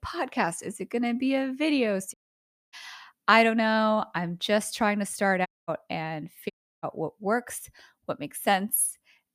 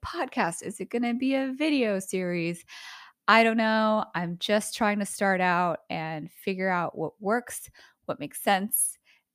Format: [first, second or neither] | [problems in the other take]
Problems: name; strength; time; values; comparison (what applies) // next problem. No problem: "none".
second | audio cutting out; at 2 s for 0.5 s, at 5.5 s and at 6.5 s